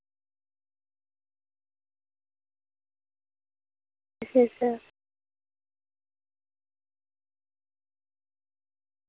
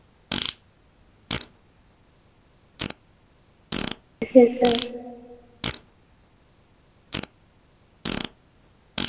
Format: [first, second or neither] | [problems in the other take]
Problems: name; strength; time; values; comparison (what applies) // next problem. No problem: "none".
first | background sound (Fart); 8 dB below the speech // room echo; dies away in 1.6 s